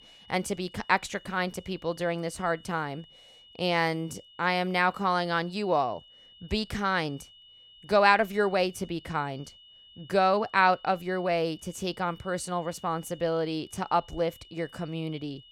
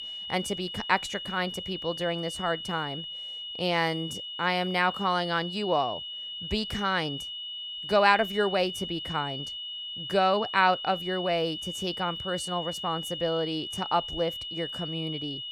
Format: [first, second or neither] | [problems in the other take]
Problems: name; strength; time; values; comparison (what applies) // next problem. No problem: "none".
first | high-pitched whine; loud; throughout; 3 kHz, 6 dB below the speech; faint in the first